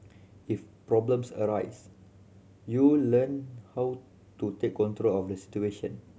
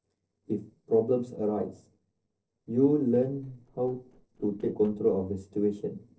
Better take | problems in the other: first | noise reduction (neural separator model SepFormer DNS4)

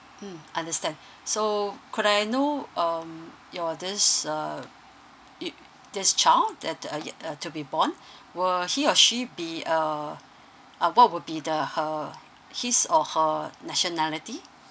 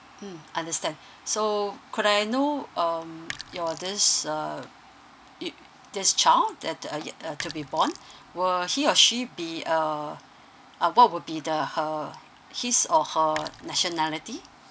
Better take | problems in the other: first | background sound (Sink (filling or washing)); 16 dB below the speech

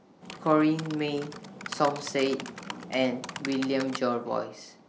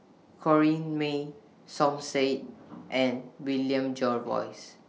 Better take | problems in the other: second | background sound (Typing); 12 dB below the speech

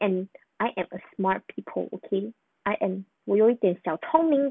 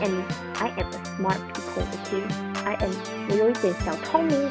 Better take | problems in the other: first | background sound (Organ); 4 dB below the speech

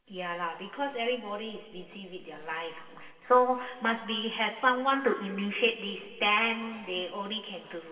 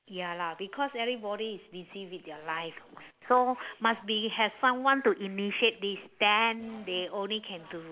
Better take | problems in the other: second | room echo; dies away in 2.1 s

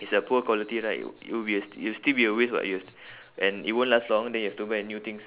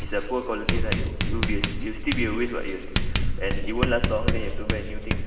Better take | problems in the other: first | background sound (Writing); 5 dB above the speech // room echo; dies away in 2.8 s

